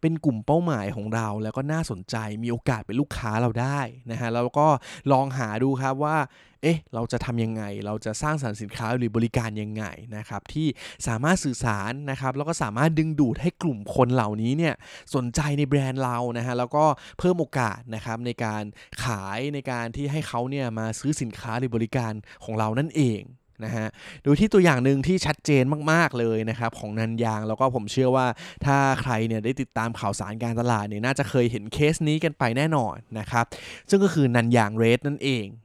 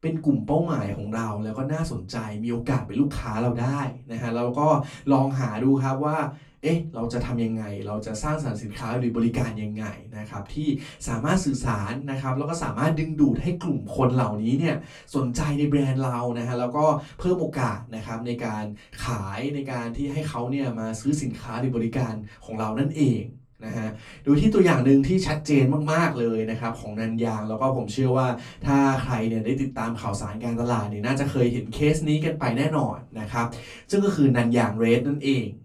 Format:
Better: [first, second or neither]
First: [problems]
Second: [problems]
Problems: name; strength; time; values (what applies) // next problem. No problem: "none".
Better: first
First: none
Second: off-mic speech; far // room echo; very slight; dies away in 0.2 s